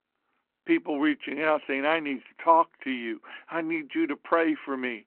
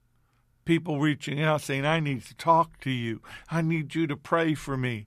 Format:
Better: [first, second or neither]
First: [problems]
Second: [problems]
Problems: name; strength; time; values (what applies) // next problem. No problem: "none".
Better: second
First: phone-call audio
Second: none